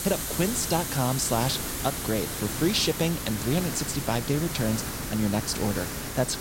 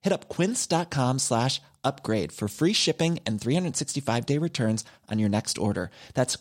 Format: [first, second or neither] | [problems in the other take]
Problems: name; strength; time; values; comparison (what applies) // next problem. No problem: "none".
second | hiss; loud; throughout; 3 dB below the speech